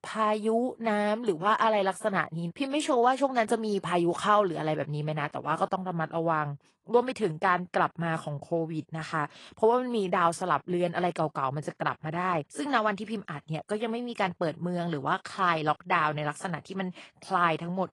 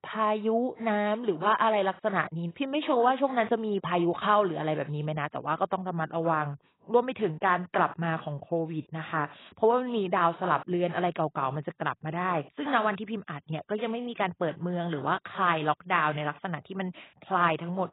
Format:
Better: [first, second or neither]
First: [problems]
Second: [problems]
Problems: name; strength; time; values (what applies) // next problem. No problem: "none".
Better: first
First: garbled, watery; slightly; nothing above 10.5 kHz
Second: garbled, watery; badly; nothing above 4 kHz